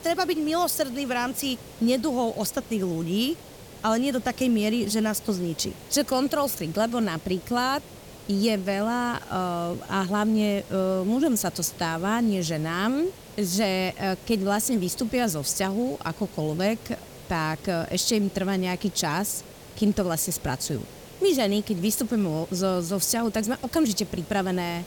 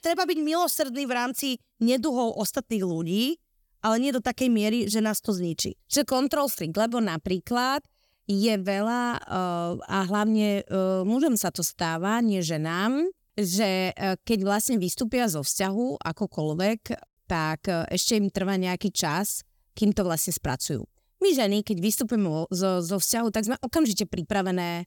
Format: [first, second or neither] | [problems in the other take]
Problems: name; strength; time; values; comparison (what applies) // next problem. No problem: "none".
second | hiss; noticeable; throughout; 20 dB below the speech